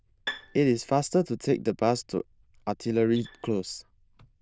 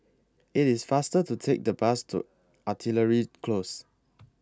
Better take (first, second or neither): second